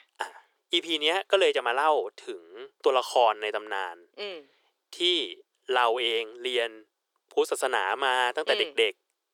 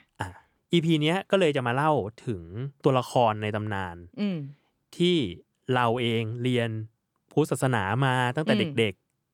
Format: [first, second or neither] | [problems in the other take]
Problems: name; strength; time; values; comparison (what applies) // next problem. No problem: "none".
second | thin; very; fading below 400 Hz